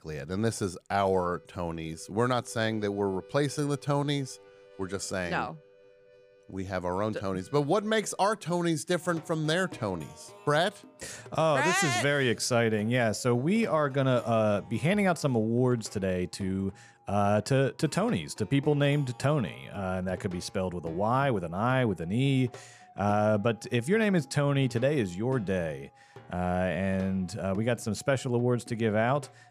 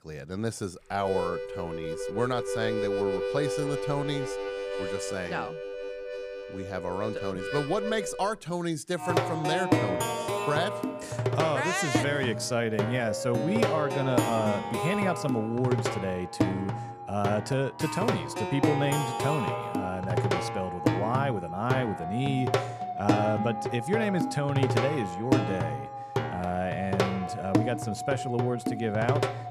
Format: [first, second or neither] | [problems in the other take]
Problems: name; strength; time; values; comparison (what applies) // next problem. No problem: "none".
first | background music; loud; throughout; as loud as the speech; faint in the first